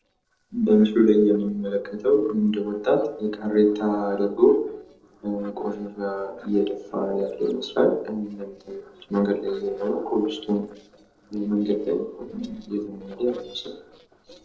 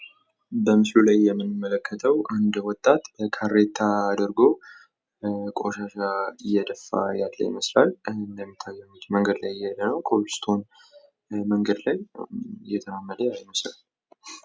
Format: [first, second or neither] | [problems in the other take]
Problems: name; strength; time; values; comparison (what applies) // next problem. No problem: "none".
second | noise reduction (neural separator model SepFormer DNS4)